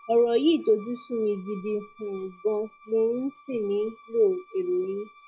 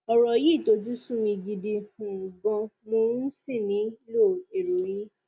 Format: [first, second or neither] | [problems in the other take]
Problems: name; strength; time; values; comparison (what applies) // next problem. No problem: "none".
second | noise reduction (classical method log-MMSE)